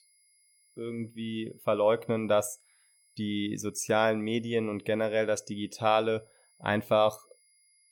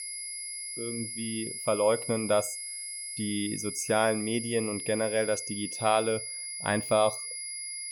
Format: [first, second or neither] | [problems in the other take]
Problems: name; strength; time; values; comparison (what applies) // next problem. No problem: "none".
first | high-pitched whine; loud; throughout; 10.5 kHz, 5 dB below the speech; faint in the first